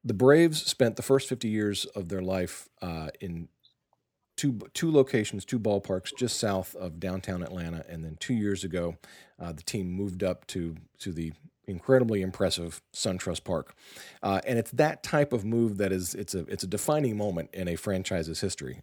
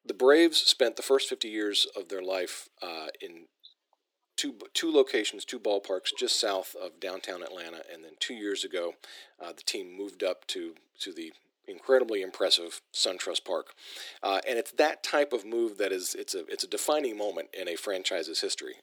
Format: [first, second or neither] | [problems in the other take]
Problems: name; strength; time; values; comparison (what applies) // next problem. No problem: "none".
first | thin; somewhat; fading below 300 Hz